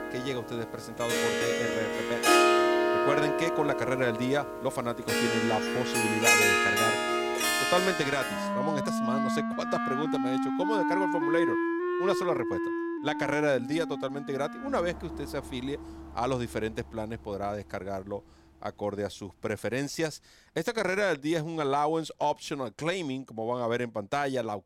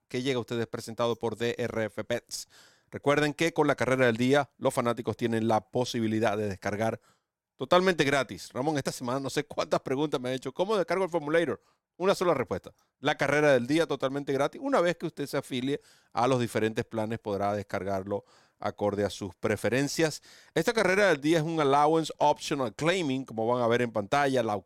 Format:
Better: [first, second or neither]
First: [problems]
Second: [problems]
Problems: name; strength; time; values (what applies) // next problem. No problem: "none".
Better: second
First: background music; very loud; throughout; 4 dB above the speech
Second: none